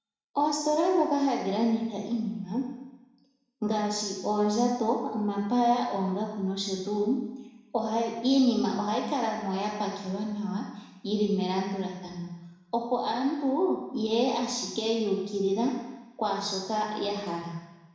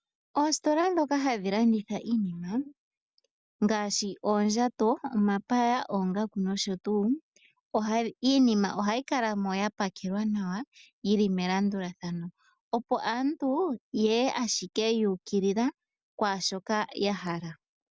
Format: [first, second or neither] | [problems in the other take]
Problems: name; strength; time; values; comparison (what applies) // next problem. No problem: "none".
second | room echo; dies away in 0.9 s